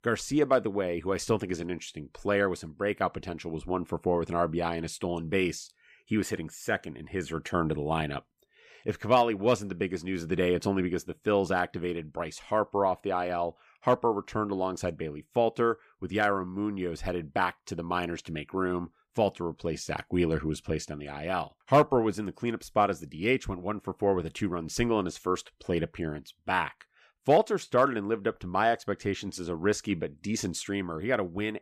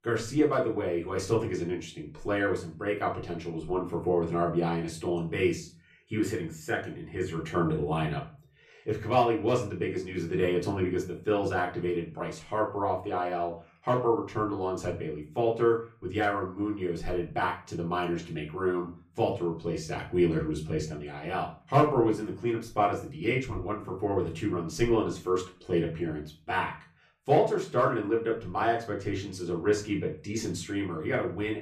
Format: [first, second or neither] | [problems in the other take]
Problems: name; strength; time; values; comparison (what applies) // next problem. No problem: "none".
first | off-mic speech; far // room echo; slight; dies away in 0.4 s